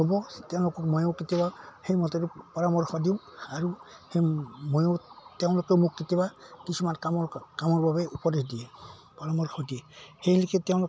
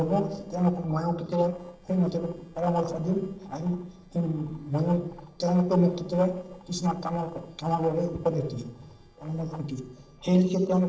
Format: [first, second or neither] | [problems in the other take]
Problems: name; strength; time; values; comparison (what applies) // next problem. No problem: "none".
first | noise reduction (neural separator model SepFormer DNS4)